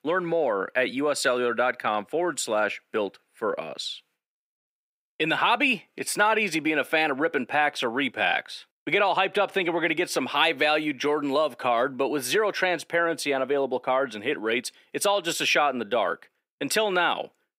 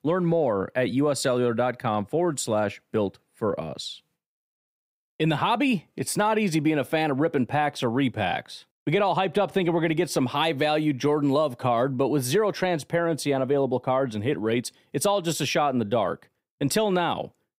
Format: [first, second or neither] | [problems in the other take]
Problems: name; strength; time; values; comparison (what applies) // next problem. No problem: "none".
second | thin; somewhat; fading below 350 Hz